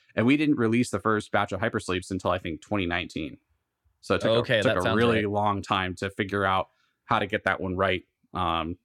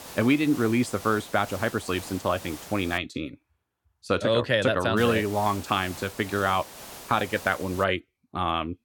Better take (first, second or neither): first